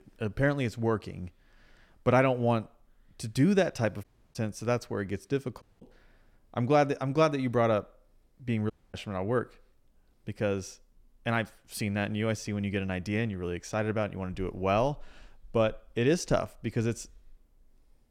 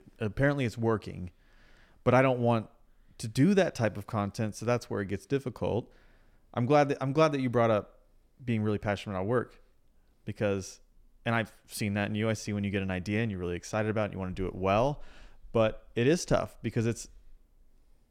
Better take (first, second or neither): second